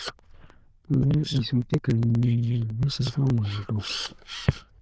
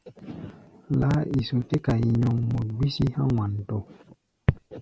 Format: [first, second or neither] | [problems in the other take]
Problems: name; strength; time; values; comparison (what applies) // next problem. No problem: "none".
second | noise reduction (neural diffusion model UNIVERSE++)